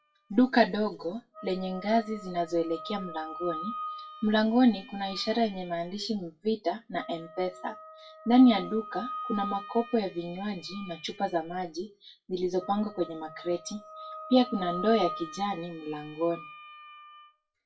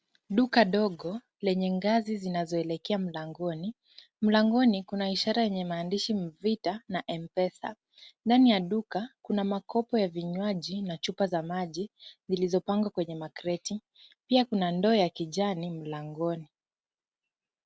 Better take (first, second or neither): second